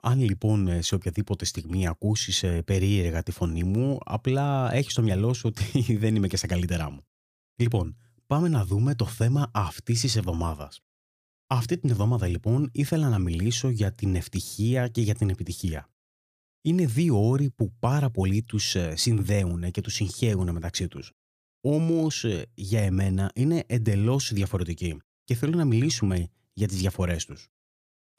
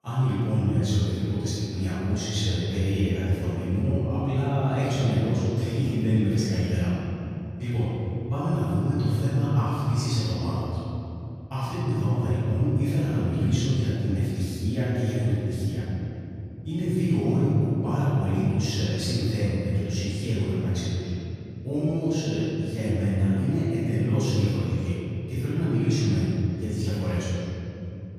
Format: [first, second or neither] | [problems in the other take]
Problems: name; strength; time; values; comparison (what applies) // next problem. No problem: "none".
first | off-mic speech; far // room echo; strong; dies away in 3 s